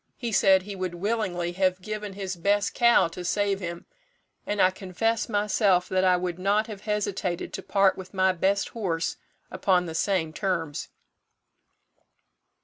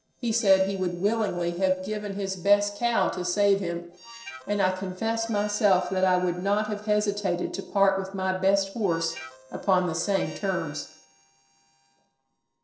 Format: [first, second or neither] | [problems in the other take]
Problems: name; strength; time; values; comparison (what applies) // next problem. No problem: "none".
first | noise reduction (neural separator model SepFormer DNS4)